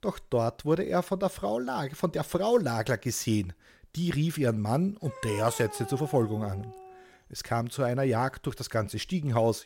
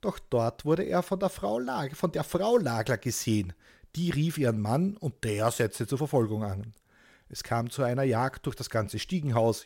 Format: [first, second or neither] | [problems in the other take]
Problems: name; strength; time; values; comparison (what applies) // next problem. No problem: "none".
second | dog barking; faint; from 5 to 7 s; peak 10 dB below the speech